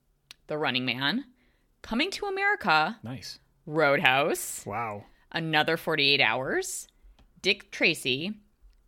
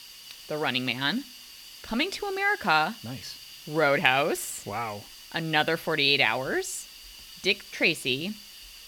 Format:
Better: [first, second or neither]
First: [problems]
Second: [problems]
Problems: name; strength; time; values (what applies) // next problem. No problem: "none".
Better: first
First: none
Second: hiss; noticeable; throughout; 15 dB below the speech